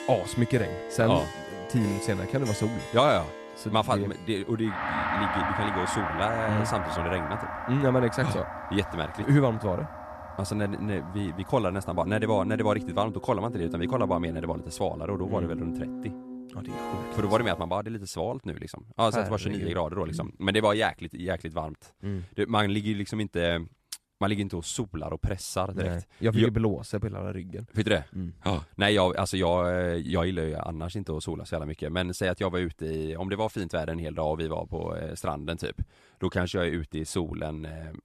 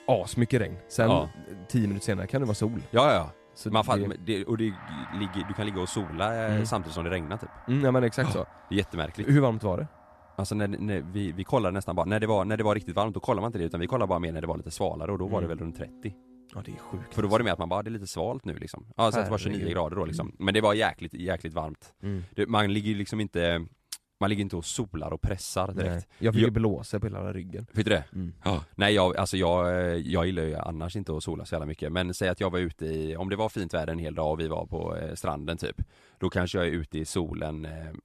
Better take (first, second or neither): second